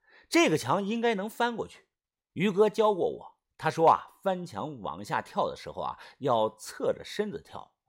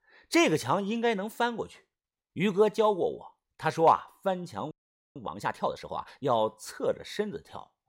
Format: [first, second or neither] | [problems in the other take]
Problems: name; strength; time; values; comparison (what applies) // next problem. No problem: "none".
first | audio freezing; at 4.5 s